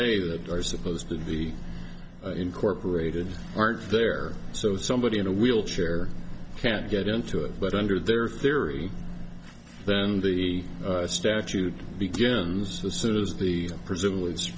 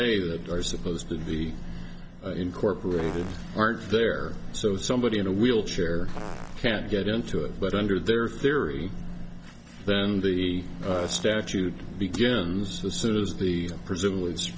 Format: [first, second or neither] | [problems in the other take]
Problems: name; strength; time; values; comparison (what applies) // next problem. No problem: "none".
first | background sound (Fart); 16 dB below the speech